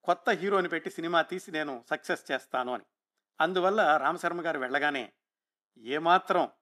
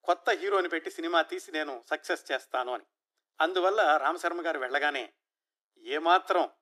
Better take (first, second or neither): first